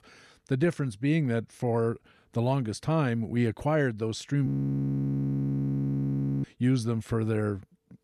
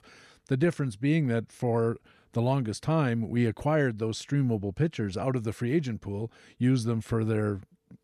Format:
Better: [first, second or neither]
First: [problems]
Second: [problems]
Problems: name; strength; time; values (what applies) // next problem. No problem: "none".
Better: second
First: audio freezing; at 4.5 s for 2 s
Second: none